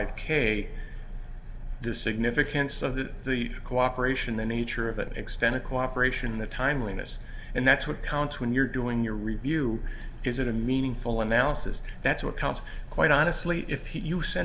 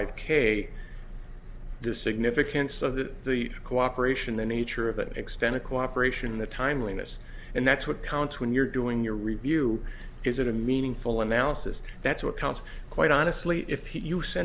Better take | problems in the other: second | room echo; dies away in 0.4 s

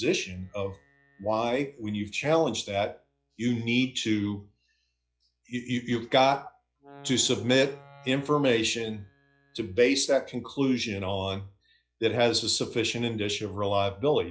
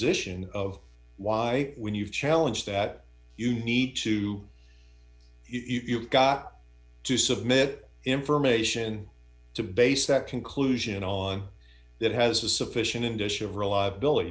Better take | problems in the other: second | noise reduction (classical method log-MMSE)

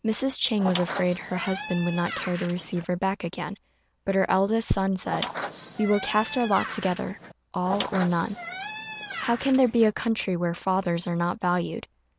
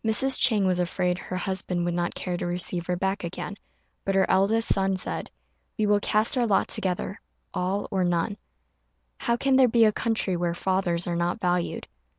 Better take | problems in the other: second | background sound (Squeak); 9 dB below the speech

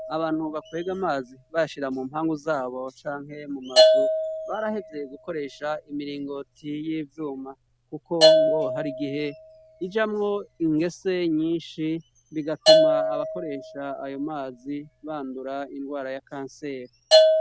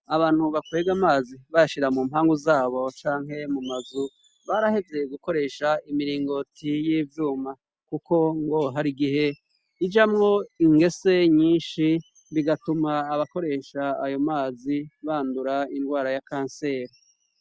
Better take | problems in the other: second | background sound (Bell / Percussion); 4 dB above the speech

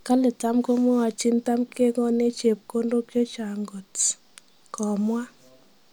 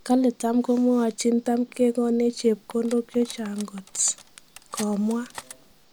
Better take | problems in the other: first | background sound (Cutlery, silverware); 20 dB below the speech

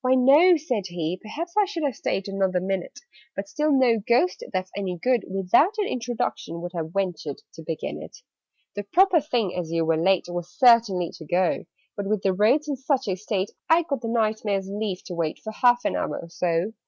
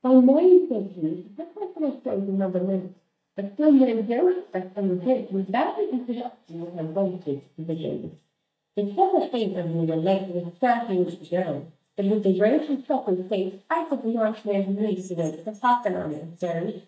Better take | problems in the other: first | noise reduction (neural mask model DeepFilterNet 3)

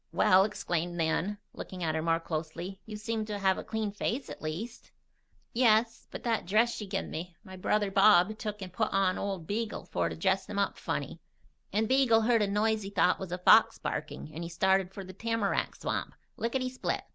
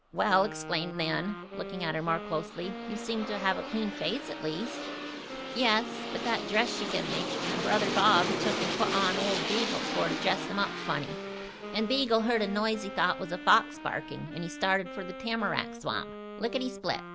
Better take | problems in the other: first | background sound (Wind instrument, woodwind instrument + Aircraft); 5 dB below the speech

